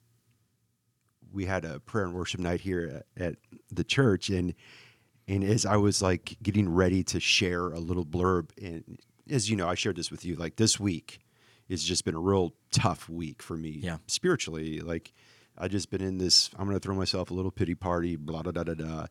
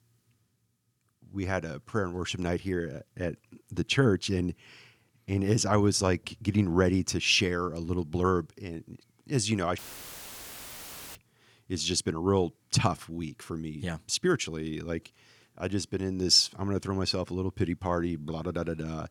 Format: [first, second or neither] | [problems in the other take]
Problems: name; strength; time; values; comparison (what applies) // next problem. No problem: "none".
first | audio cutting out; filled with static; at 10 s for 1.5 s